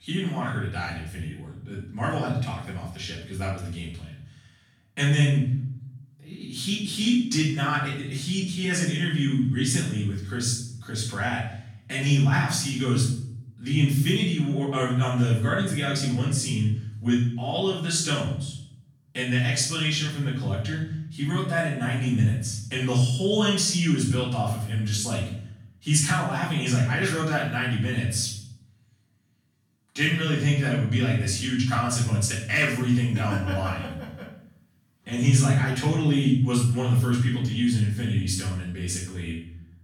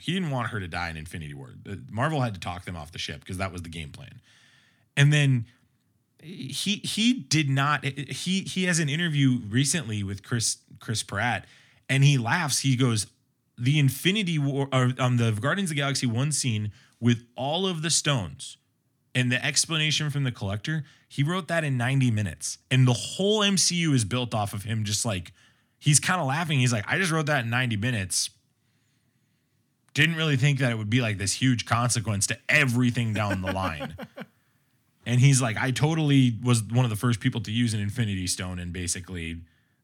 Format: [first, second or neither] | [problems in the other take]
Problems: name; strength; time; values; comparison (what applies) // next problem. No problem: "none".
second | off-mic speech; far // room echo; noticeable; dies away in 0.7 s